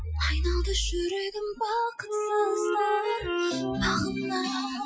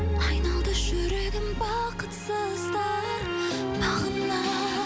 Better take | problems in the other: second | noise reduction (classical method Wiener filter)

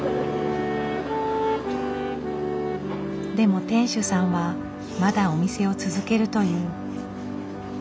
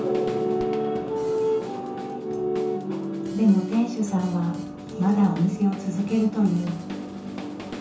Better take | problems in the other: first | background sound (Drum kit); 16 dB below the speech // room echo; dies away in 0.6 s

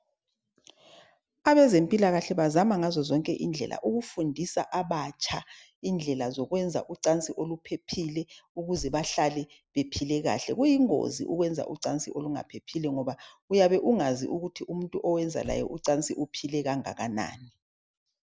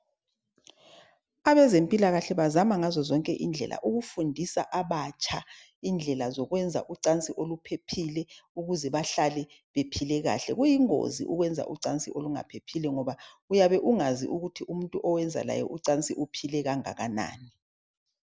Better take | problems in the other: second | background sound (Slam / Car); 18 dB below the speech

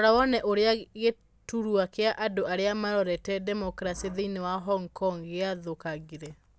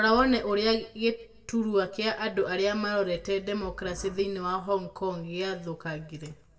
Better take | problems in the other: first | room echo; dies away in 0.6 s

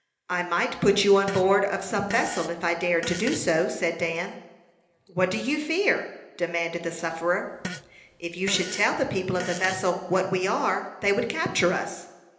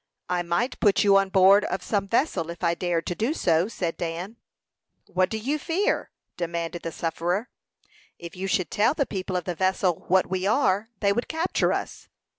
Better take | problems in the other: second | background sound (Fart); 13 dB below the speech // room echo; dies away in 1 s

